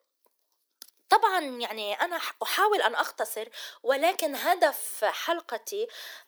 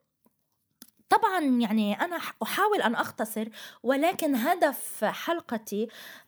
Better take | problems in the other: second | thin; very; fading below 350 Hz

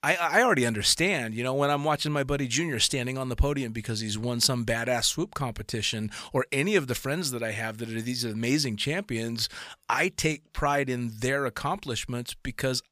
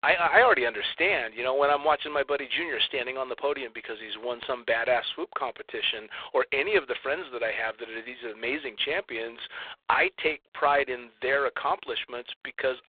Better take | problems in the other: first | phone-call audio; poor line

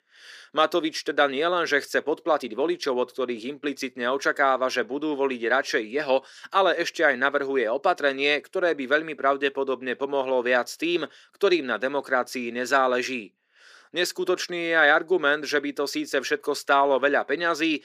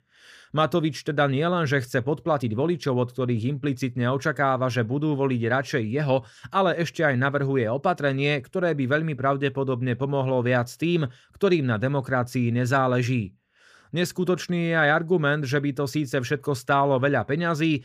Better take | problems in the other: second | thin; somewhat; fading below 300 Hz

